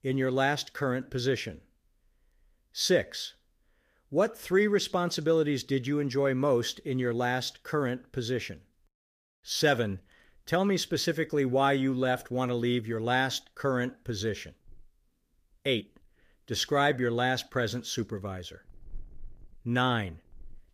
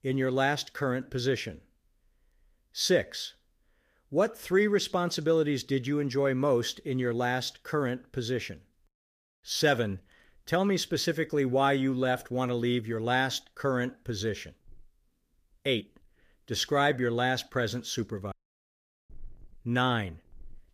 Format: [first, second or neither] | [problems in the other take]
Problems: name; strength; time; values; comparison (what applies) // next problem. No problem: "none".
first | audio cutting out; at 18 s for 1 s